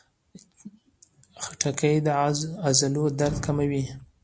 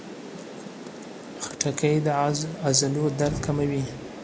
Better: first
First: none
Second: background sound (Rain); 12 dB below the speech

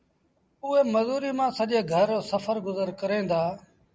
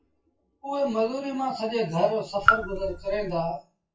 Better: first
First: none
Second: noise reduction (classical method WPE with log-MMSE)

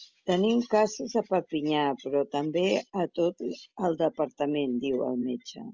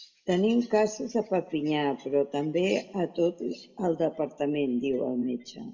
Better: first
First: none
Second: room echo; dies away in 1 s

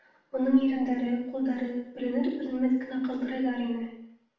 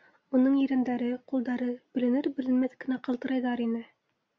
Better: second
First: room echo; dies away in 0.7 s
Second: none

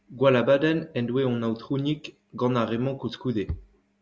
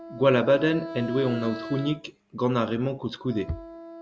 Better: first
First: none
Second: background sound (Wind instrument, woodwind instrument); 13 dB below the speech

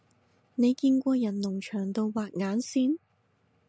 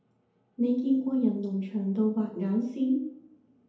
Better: first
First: none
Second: room echo; dies away in 2.1 s

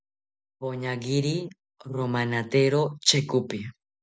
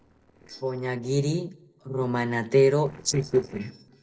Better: first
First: none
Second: noise reduction (neural separator model SepFormer DNS4)

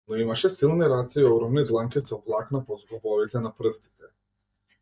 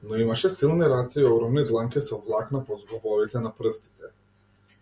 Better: second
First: noise reduction (neural mask model DeepFilterNet 3)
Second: none

